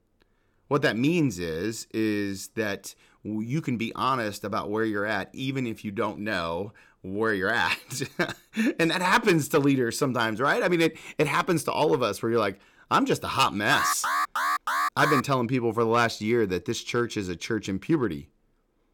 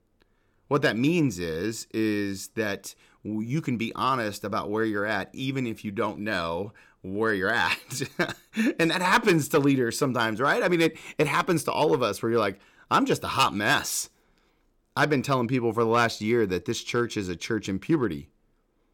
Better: second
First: alarm; loud; from 14 to 15 s; peak 1 dB above the speech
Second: none

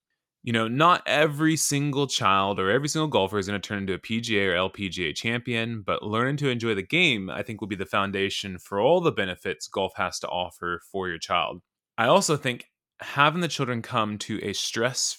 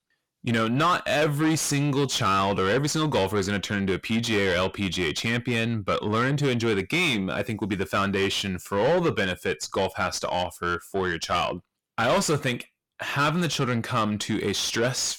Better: first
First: none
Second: distortion; heavy; 7 dB below the speech

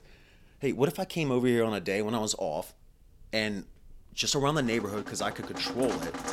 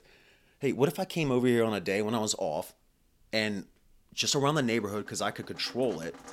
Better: second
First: rain or running water; loud; throughout; 9 dB below the speech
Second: rain or running water; faint; throughout; 20 dB below the speech

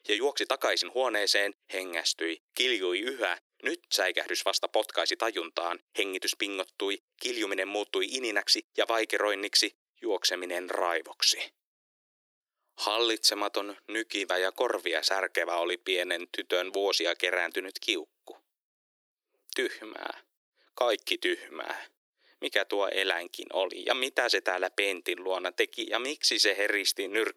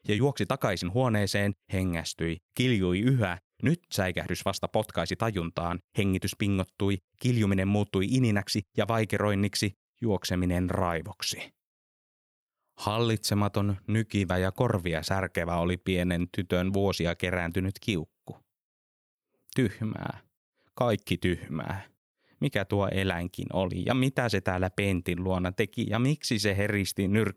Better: second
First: thin; very; fading below 350 Hz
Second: none

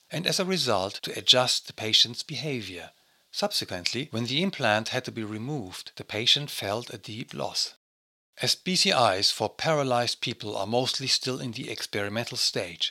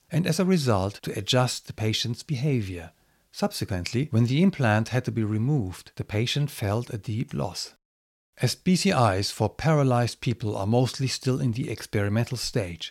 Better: second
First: thin; somewhat; fading below 900 Hz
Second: none

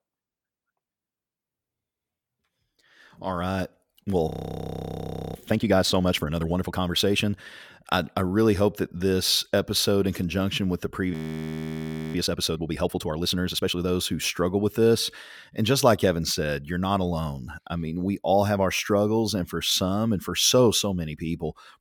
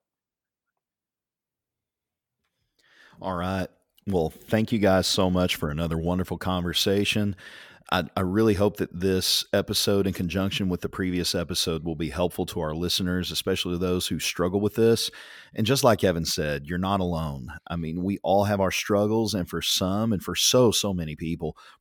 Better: second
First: audio freezing; at 4.5 s for 1 s and at 11 s for 1 s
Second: none

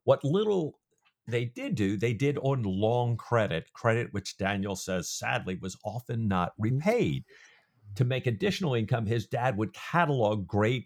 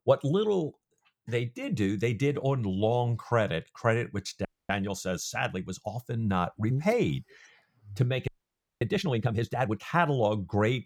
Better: first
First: none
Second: audio freezing; at 4.5 s and at 8.5 s for 0.5 s

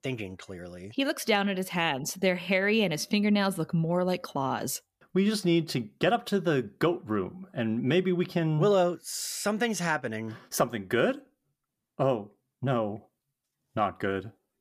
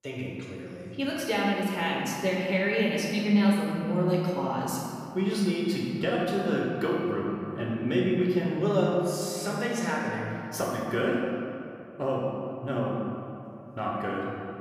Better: first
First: none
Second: room echo; noticeable; dies away in 2.3 s // off-mic speech; far

